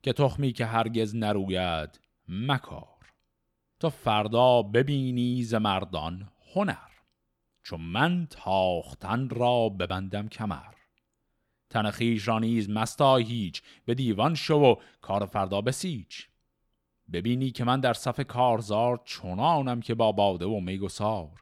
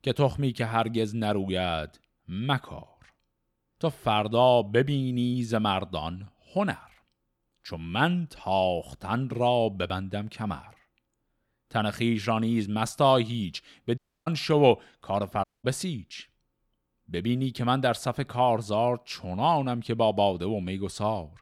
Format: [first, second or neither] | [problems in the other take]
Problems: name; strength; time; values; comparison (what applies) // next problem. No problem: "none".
first | audio cutting out; at 14 s and at 15 s